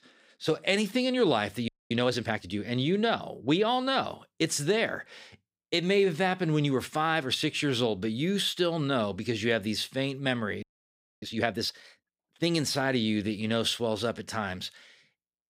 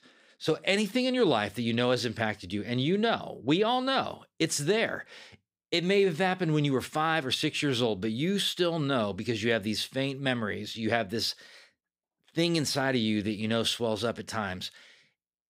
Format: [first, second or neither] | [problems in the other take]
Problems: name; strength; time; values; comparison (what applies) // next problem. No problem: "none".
second | audio freezing; at 1.5 s and at 11 s for 0.5 s